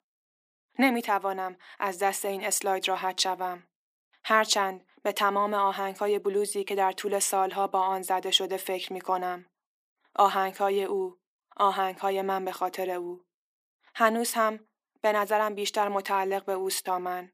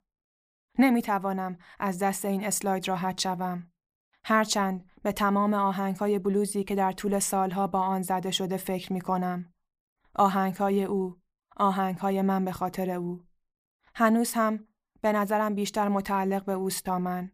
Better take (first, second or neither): second